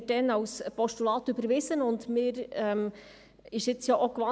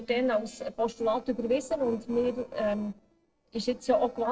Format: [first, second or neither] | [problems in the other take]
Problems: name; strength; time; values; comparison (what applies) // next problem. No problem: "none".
first | noise reduction (neural separator model SepFormer DNS4)